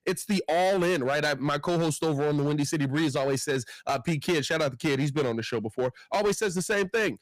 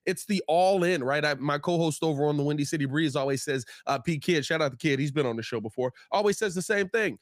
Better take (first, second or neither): second